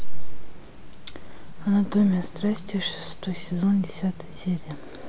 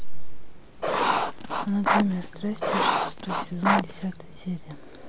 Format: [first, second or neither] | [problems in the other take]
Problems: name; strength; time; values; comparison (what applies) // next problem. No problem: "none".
first | background sound (Writing); 1 dB above the speech